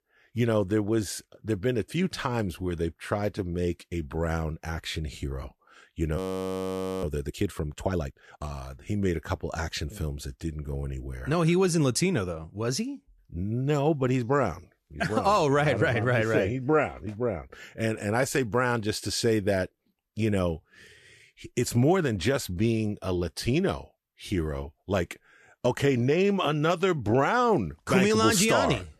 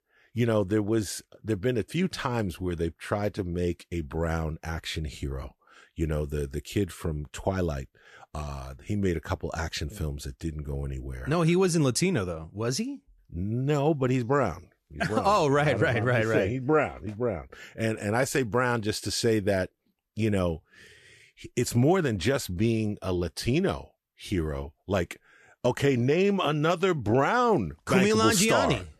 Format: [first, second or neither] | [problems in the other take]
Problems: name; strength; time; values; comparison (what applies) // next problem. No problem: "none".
second | audio freezing; at 6 s for 1 s